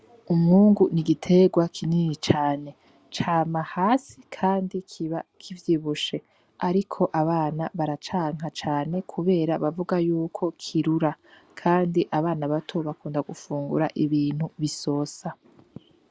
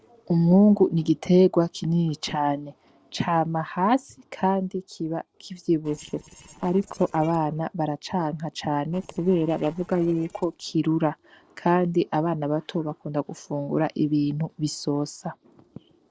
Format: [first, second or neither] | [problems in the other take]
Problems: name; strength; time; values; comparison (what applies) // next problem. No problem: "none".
first | noise reduction (neural separator model SepFormer DNS4)